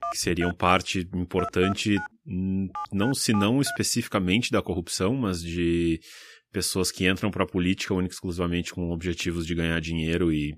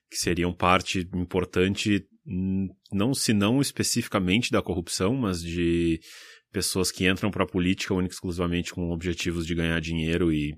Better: second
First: phone ringing; noticeable; until 4 s; peak 7 dB below the speech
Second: none

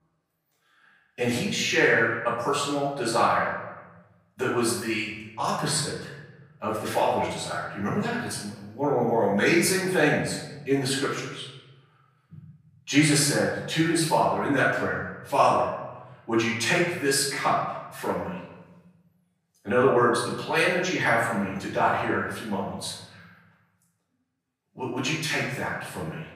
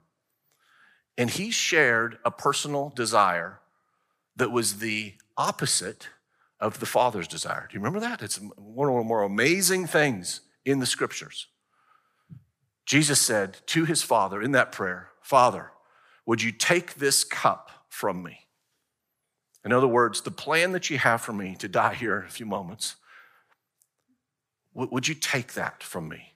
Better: second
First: room echo; noticeable; dies away in 1.1 s // off-mic speech; far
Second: none

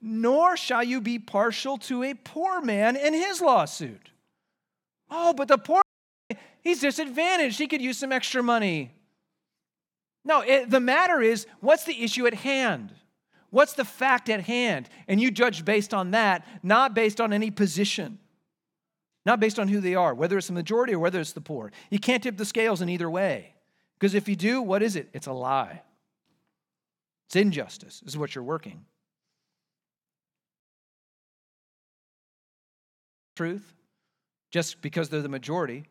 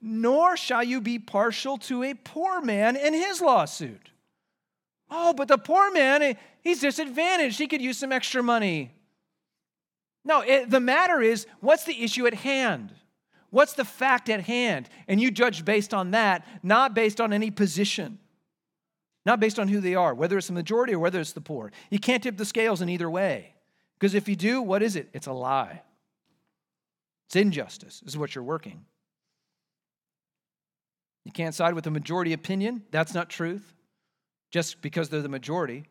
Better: second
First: audio cutting out; at 6 s and at 31 s for 3 s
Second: none

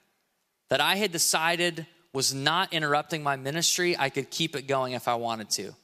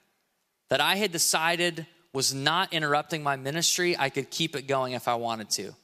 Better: neither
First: none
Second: none

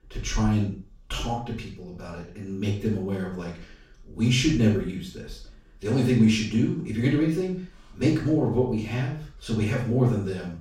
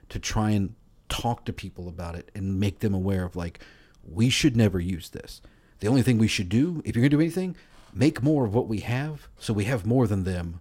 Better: second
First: room echo; noticeable; dies away in 0.4 s // off-mic speech; far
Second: none

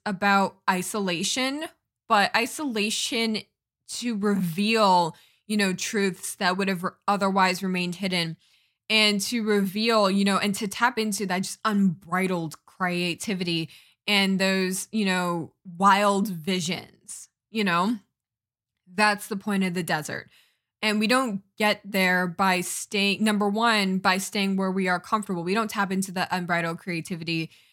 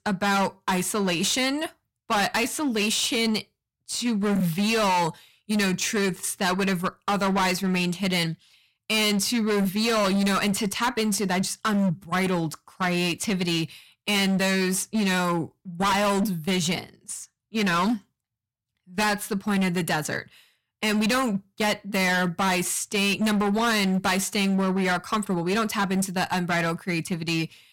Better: first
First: none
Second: distortion; heavy; 19% of the sound clipped

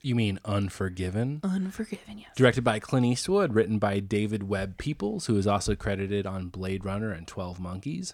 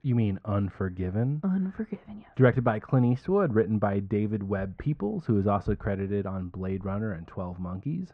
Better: first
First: none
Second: muffled; very; fading above 1.5 kHz

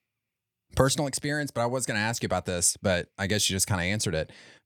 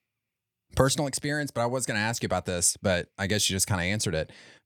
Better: neither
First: none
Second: none

